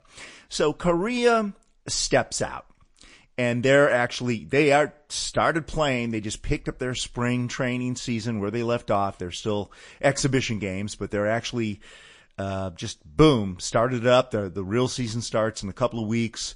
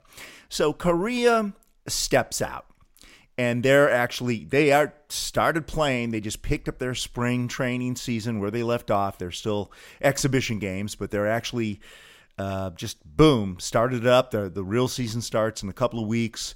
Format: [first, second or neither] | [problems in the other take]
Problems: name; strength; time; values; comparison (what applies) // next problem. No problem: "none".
second | garbled, watery; slightly